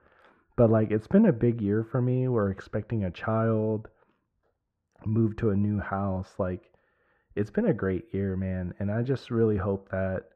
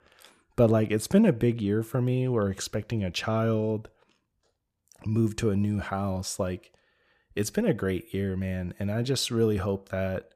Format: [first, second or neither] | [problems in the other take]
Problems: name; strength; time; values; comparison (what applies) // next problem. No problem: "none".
second | muffled; very; fading above 3.5 kHz